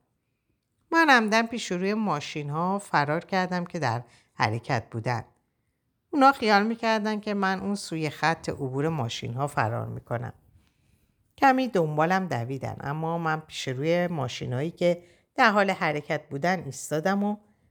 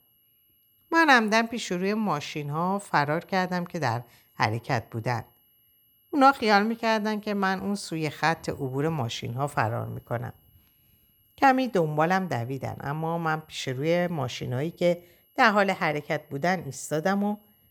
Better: first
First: none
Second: high-pitched whine; faint; throughout; 11.5 kHz, 35 dB below the speech

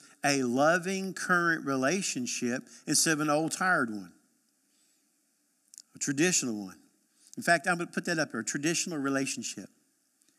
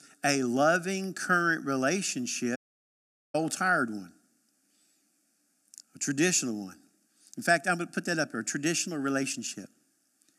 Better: first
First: none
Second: audio cutting out; at 2.5 s for 1 s

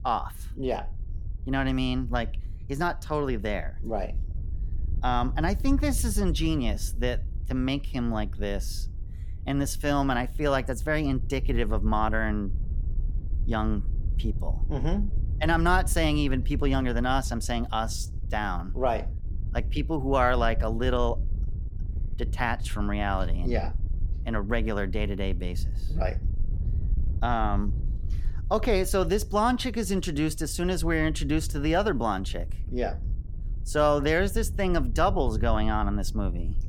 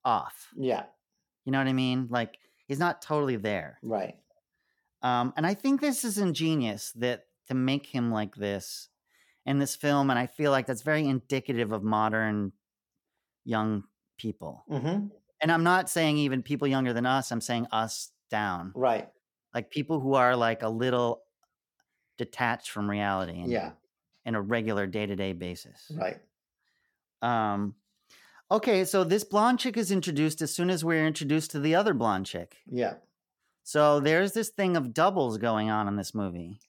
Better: second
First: wind noise on the microphone; occasional gusts; 20 dB below the speech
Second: none

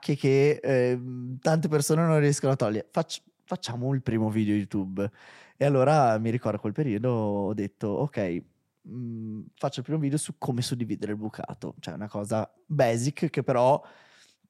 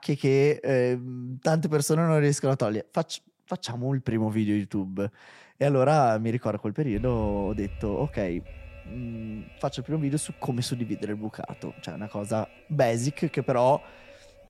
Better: first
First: none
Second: alarm; faint; from 7 s on; peak 10 dB below the speech

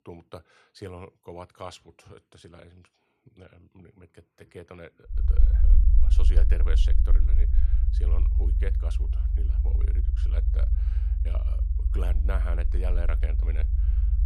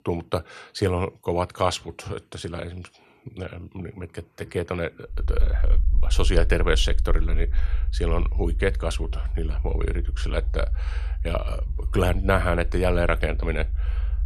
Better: second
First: low rumble; loud; from 5 s on; 3 dB below the speech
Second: low rumble; faint; from 5 s on; 20 dB below the speech

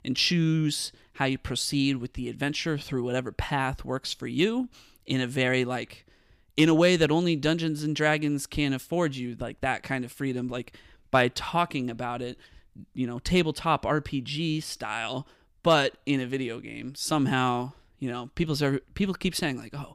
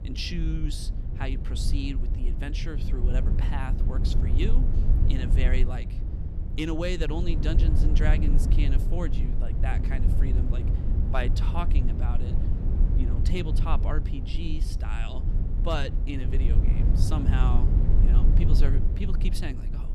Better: first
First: none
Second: low rumble; loud; throughout; 5 dB below the speech

